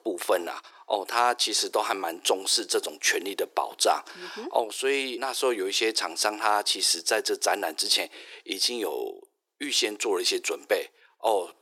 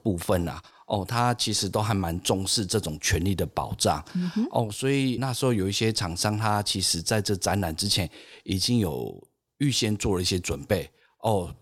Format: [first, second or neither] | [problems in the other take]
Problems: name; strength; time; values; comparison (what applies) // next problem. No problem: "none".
second | thin; very; fading below 350 Hz